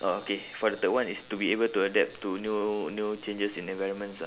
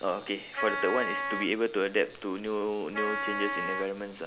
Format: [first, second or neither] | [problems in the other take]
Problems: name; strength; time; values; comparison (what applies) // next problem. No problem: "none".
first | background sound (Wind instrument, woodwind instrument); 2 dB below the speech